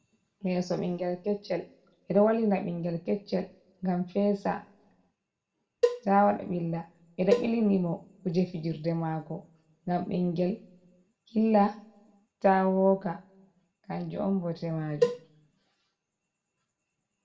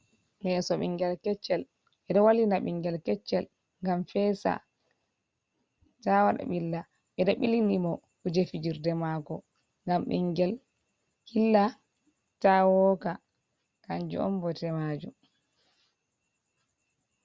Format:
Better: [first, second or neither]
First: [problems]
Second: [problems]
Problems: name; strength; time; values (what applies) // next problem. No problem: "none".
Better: second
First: background sound (Cowbell); 3 dB below the speech // room echo; dies away in 0.5 s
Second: none